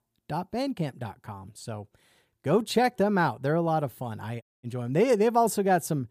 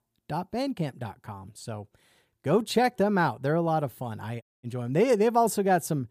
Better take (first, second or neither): neither